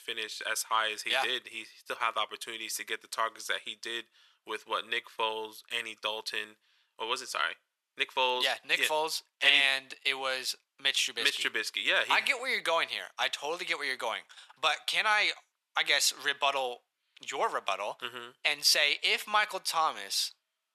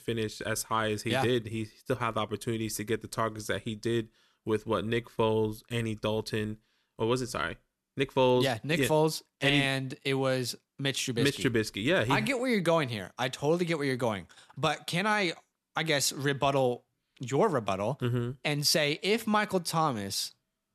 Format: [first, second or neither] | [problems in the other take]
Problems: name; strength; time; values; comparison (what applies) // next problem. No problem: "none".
second | thin; very; fading below 850 Hz